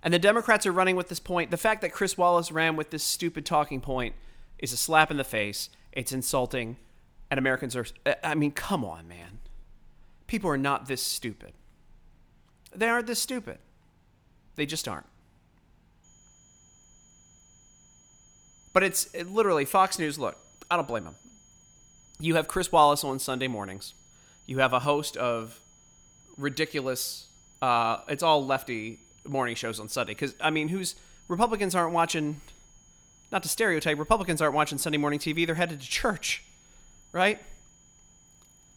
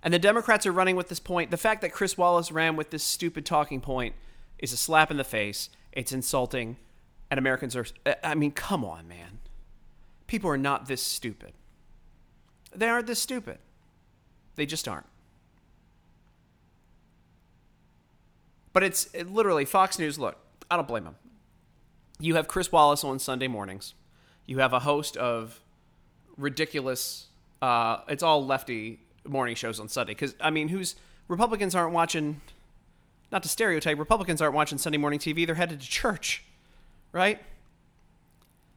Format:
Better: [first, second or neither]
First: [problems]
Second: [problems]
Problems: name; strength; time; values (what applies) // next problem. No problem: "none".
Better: second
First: high-pitched whine; faint; from 16 s on; 6.5 kHz, 30 dB below the speech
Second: none